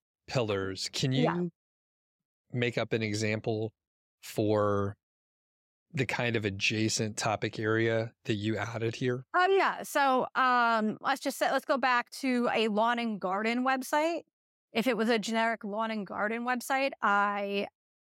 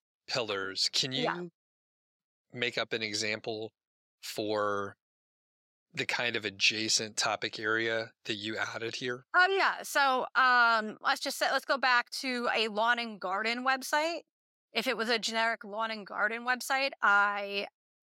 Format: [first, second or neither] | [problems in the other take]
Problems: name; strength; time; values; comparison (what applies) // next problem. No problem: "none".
first | thin; somewhat; fading below 550 Hz